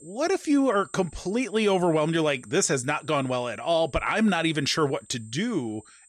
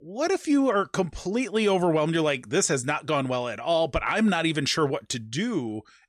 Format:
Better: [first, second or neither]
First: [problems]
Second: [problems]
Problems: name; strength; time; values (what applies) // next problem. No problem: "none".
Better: second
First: high-pitched whine; faint; throughout; 8.5 kHz, 25 dB below the speech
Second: none